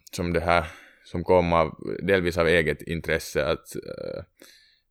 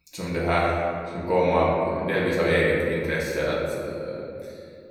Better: first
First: none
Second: off-mic speech; far // room echo; noticeable; dies away in 2 s

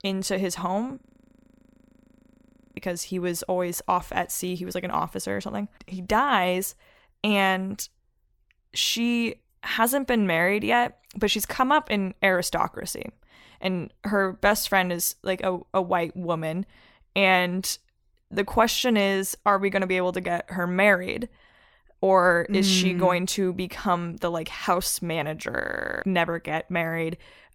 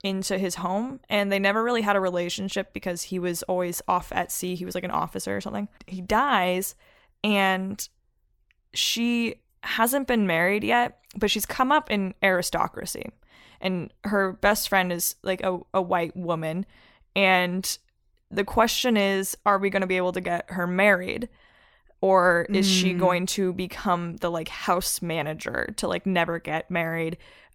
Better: second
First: audio freezing; at 1 s for 2 s and at 26 s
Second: none

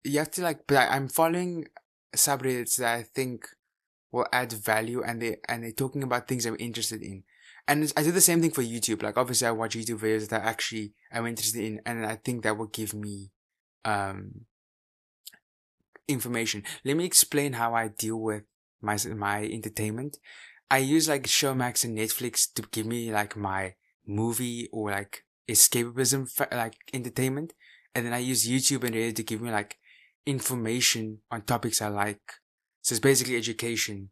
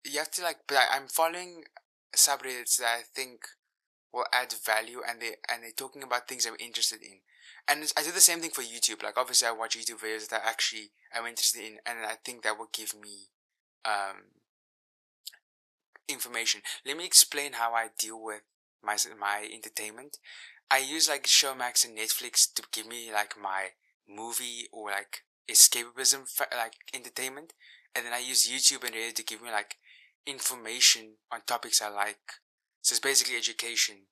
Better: first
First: none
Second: thin; very; fading below 700 Hz

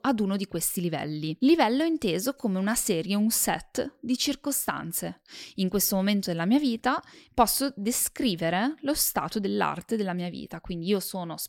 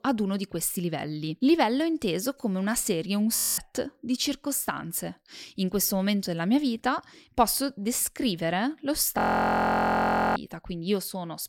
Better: first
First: none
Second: audio freezing; at 3.5 s and at 9 s for 1 s

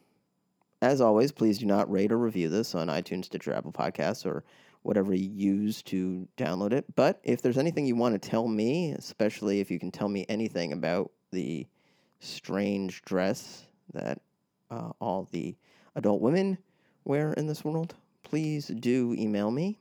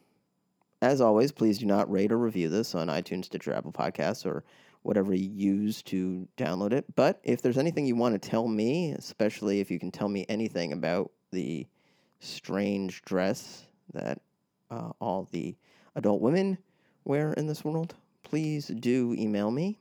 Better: neither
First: none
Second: none

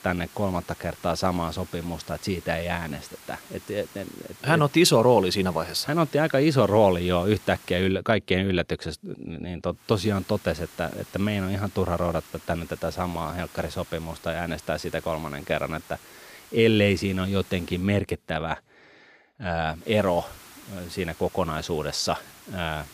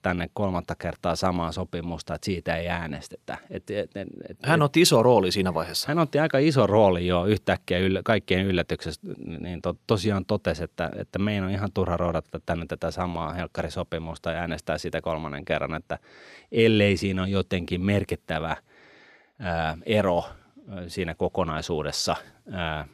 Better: second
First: hiss; faint; until 8 s, from 10 to 18 s and from 20 s on; 20 dB below the speech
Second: none

